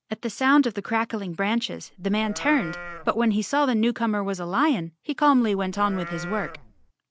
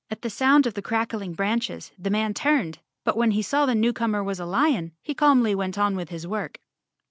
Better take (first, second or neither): second